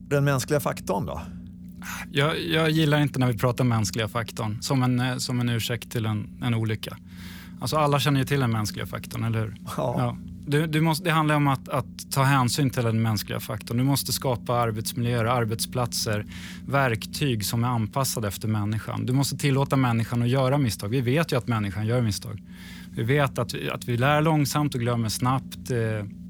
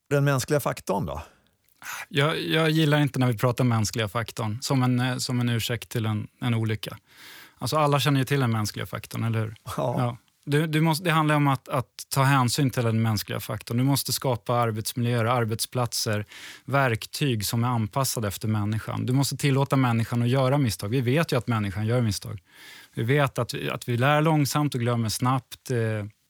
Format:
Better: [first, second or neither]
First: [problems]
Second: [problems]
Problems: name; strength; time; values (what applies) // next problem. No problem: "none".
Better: second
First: low rumble; faint; throughout; 25 dB below the speech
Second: none